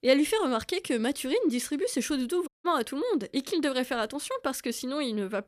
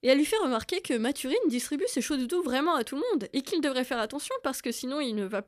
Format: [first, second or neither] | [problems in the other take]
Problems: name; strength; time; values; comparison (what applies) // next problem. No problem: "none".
second | audio cutting out; at 2.5 s